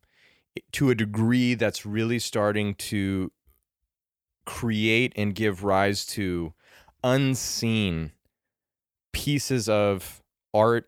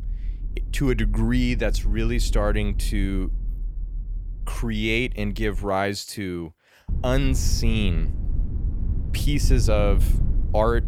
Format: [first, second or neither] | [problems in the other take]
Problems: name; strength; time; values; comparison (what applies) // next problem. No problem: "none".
first | low rumble; noticeable; until 5.5 s and from 7 s on; 15 dB below the speech